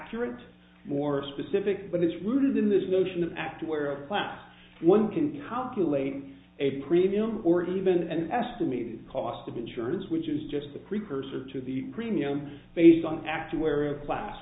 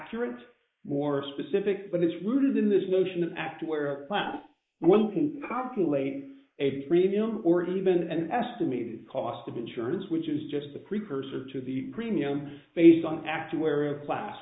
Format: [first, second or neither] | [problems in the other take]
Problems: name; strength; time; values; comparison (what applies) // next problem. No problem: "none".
first | noise reduction (neural mask model Resemble Enhance denoiser)